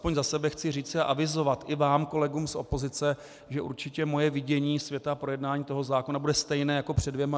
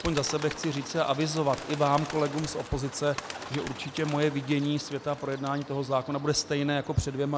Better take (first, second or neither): first